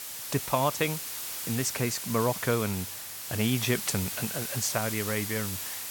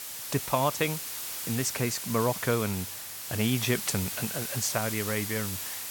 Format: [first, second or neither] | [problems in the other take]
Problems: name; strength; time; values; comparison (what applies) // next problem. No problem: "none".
neither | hiss; loud; throughout; 3 dB below the speech; the same in both